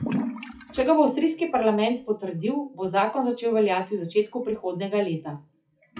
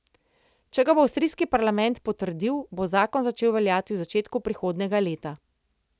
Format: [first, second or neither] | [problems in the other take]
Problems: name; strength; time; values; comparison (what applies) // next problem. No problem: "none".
second | noise reduction (classical method WPE with log-MMSE)